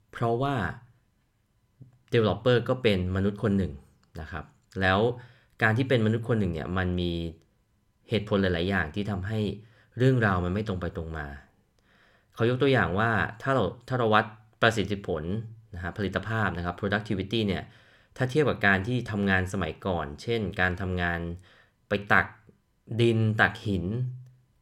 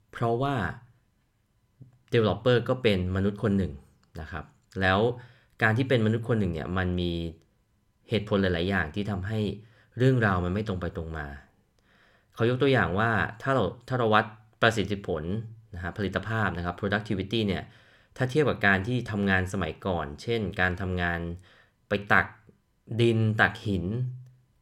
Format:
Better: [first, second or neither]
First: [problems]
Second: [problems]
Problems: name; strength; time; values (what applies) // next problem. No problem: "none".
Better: neither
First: none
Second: none